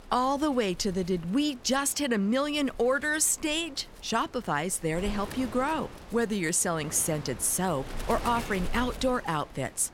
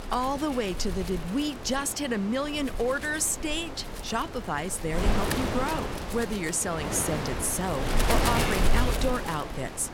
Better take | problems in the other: first | wind noise on the microphone; heavy; 3 dB below the speech; occasional gusts in the first

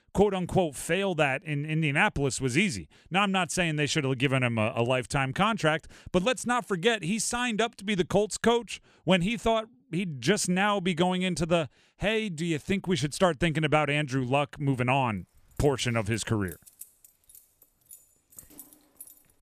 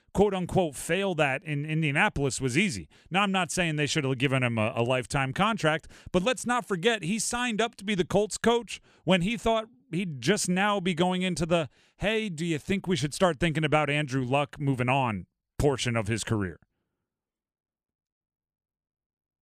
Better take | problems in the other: second | jangling keys; faint; from 15 s on; peak 20 dB below the speech

